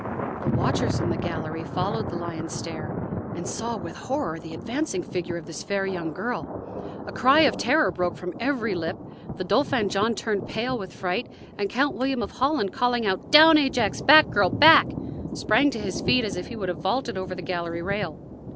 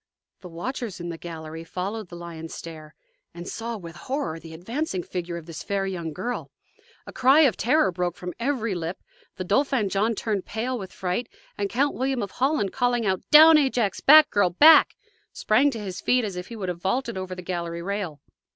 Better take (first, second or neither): second